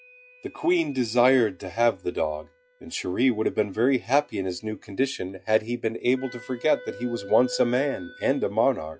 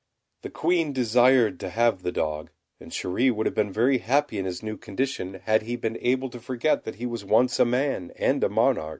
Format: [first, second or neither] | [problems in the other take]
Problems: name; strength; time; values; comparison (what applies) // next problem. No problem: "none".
second | noise reduction (classical method log-MMSE)